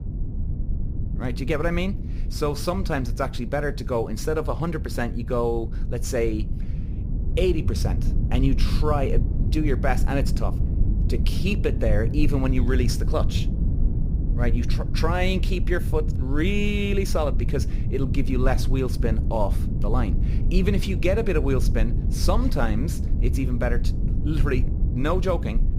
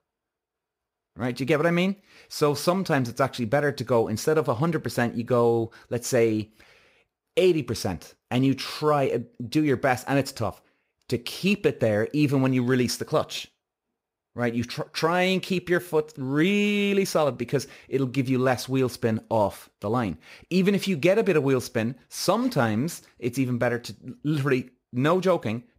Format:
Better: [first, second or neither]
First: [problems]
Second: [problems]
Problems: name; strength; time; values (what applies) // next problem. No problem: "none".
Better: second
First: low rumble; noticeable; throughout; 10 dB below the speech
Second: none